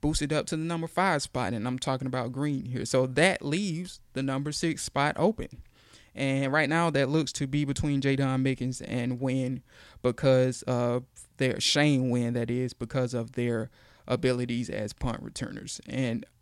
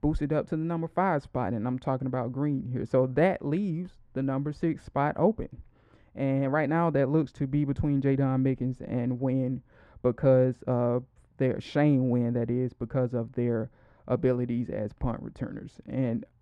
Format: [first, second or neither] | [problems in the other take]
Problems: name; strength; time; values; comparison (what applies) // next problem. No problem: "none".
first | muffled; very; fading above 2.5 kHz